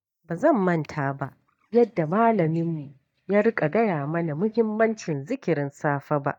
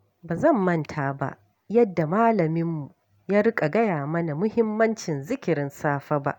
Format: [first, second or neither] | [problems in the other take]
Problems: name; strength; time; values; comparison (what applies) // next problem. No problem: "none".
second | noise reduction (neural mask model DeepFilterNet 3)